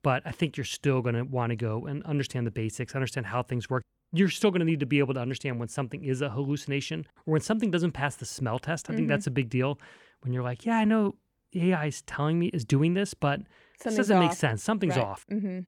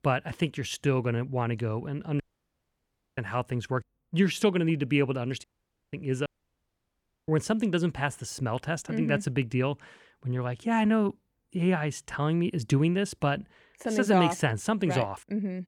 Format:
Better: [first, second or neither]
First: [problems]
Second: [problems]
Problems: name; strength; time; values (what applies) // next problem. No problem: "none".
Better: first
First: none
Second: audio cutting out; at 2 s for 1 s, at 5.5 s and at 6.5 s for 1 s